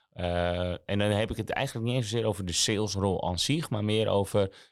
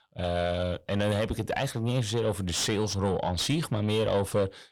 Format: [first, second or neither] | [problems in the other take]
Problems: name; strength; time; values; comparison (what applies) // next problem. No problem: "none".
first | distortion; slight; 9 dB below the speech